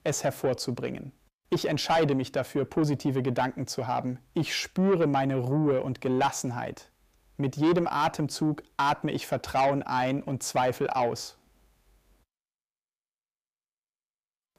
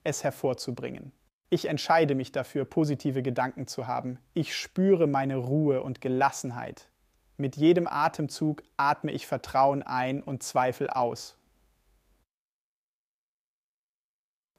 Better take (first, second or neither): second